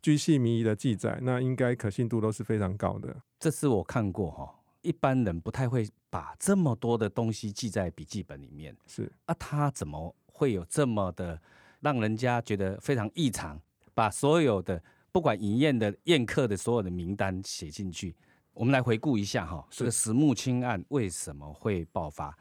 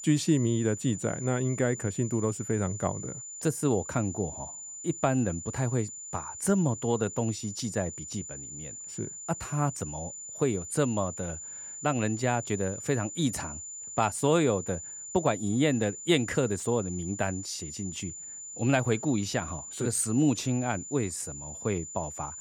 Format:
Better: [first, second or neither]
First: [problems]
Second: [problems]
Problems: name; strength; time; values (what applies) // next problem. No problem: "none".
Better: first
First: none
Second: high-pitched whine; loud; throughout; 7 kHz, 9 dB below the speech